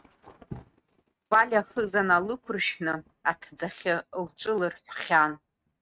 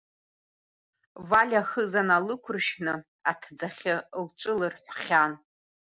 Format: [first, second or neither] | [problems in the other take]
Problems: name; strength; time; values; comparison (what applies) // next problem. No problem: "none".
second | noise reduction (neural mask model RNNoise)